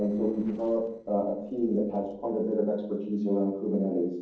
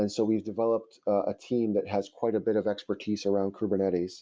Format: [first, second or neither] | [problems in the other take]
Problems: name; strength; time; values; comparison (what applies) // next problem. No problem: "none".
second | noise reduction (neural separator model SepFormer DNS4)